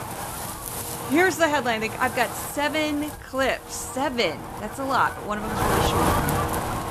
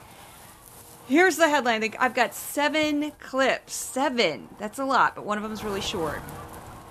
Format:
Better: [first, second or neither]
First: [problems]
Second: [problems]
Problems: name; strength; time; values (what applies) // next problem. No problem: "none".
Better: second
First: wind noise on the microphone; heavy; 4 dB below the speech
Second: wind noise on the microphone; occasional gusts; 20 dB below the speech